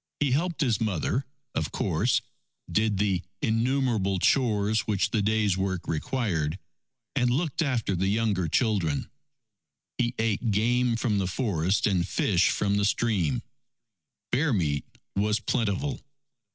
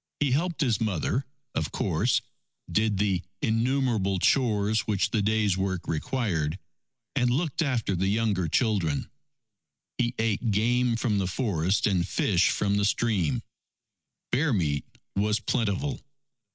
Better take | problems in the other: first | noise reduction (neural mask model Resemble Enhance denoiser)

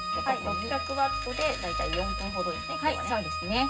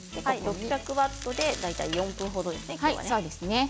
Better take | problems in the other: second | background sound (Organ); 3 dB below the speech // room echo; dies away in 0.4 s

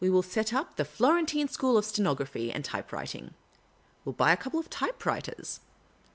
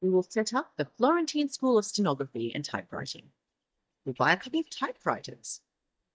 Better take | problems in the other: first | noise reduction (neural mask model DeepFilterNet 3)

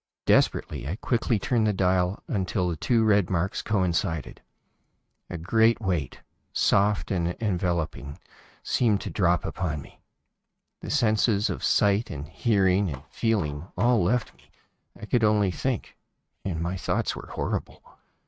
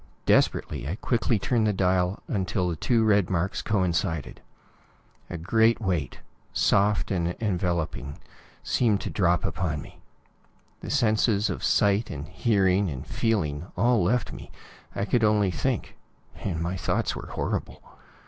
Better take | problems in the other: second | noise reduction (neural mask model RNNoise)

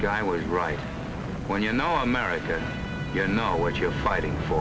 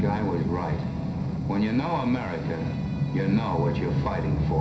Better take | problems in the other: first | background sound (Bass guitar); 11 dB below the speech // room echo; dies away in 0.5 s

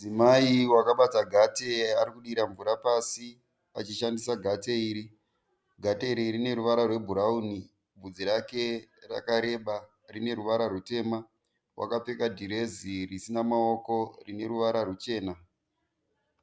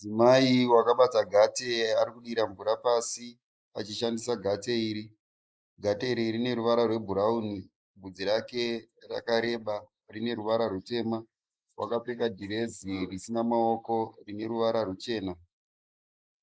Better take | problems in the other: first | noise reduction (neural mask model Resemble Enhance denoiser)

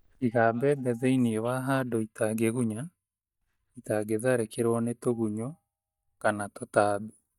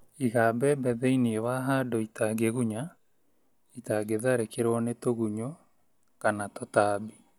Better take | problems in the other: second | noise reduction (neural mask model DeepFilterNet 3)

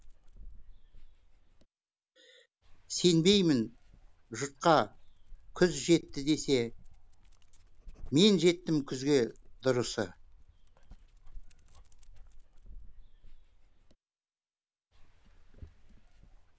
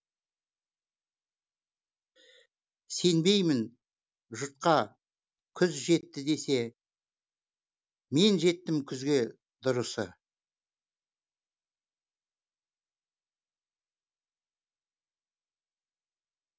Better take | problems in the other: second | background sound (Dog); 17 dB below the speech

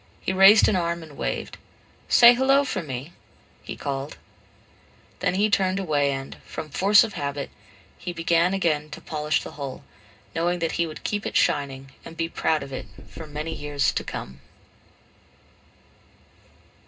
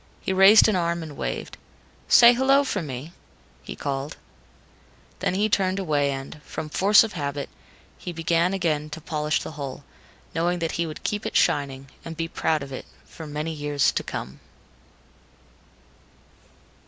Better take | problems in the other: second | background sound (Knock); 8 dB below the speech // room echo; dies away in 0.2 s

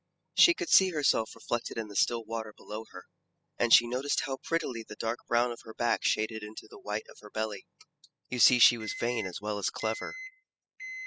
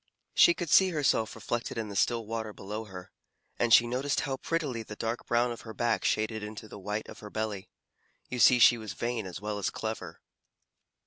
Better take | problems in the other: second | noise reduction (classical method spectral subtraction)

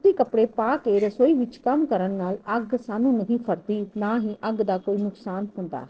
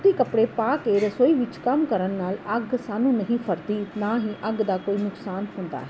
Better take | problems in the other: second | noise reduction (neural separator model SepFormer DNS4)

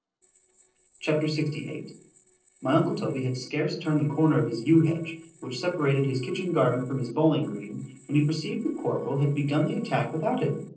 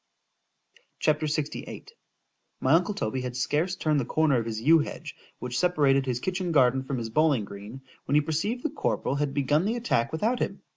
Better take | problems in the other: second | noise reduction (neural separator model SepFormer DNS4)

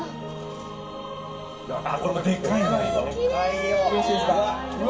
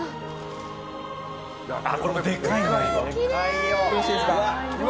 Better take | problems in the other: second | room echo; dies away in 0.2 s

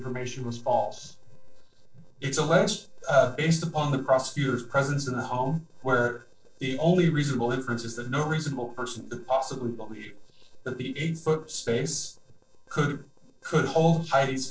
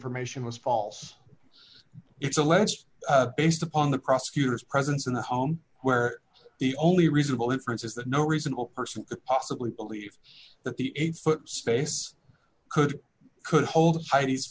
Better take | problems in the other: second | noise reduction (neural separator model SepFormer DNS4)

